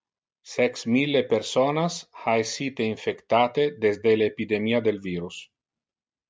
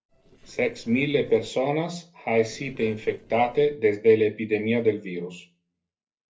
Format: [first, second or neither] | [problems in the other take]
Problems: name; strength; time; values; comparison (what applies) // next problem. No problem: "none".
first | noise reduction (neural separator model SepFormer DNS4)